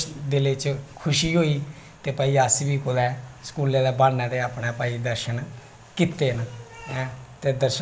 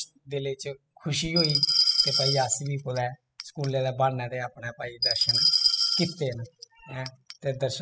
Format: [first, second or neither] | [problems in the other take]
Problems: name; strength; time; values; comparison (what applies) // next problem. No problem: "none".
first | noise reduction (classical method spectral subtraction)